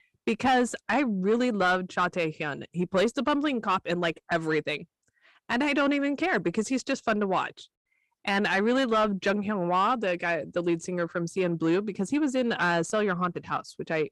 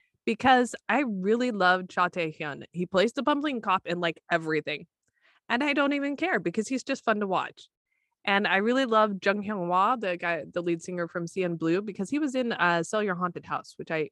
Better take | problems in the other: second | distortion; slight; 10 dB below the speech

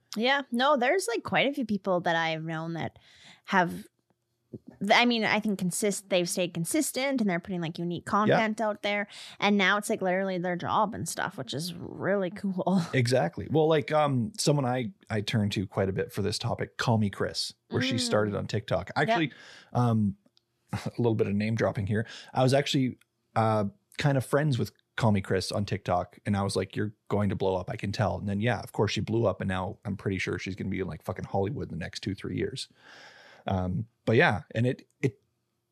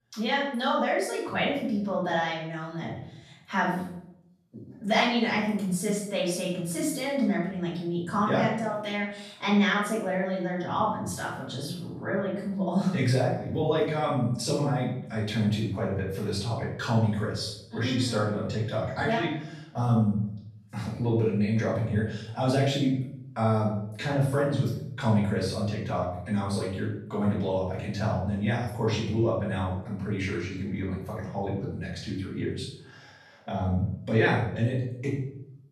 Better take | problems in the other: first | off-mic speech; far // room echo; noticeable; dies away in 0.6 s

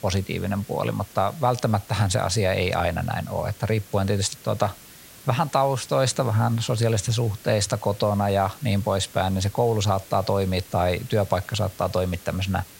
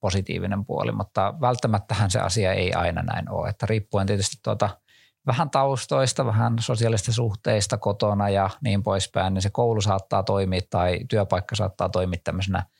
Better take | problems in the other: second | hiss; noticeable; throughout; 20 dB below the speech

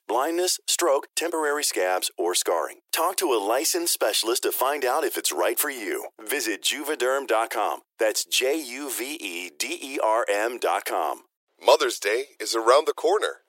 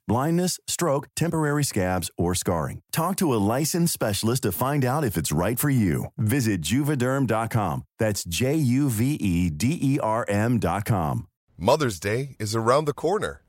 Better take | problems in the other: second | thin; very; fading below 350 Hz

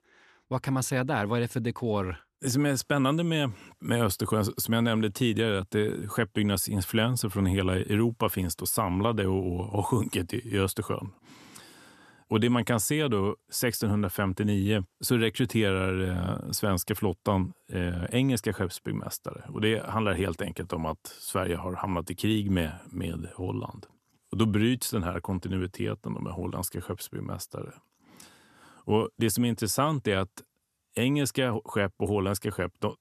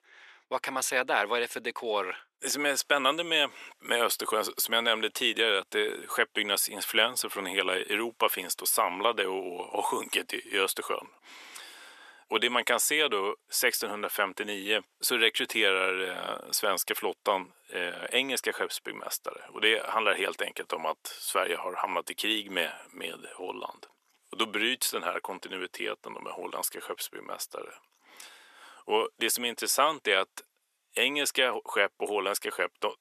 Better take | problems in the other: first | thin; very; fading below 450 Hz

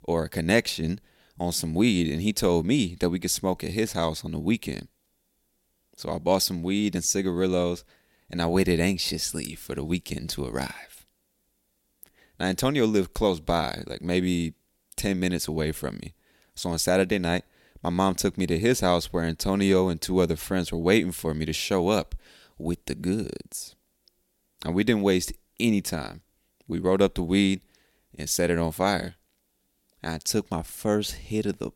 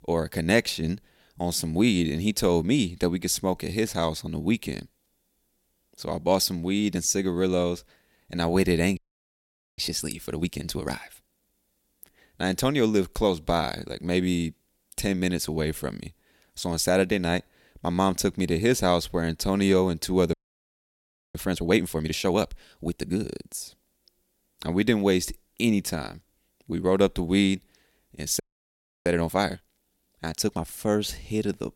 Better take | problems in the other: first | audio freezing; at 9 s for 1 s, at 20 s for 1 s and at 28 s for 0.5 s

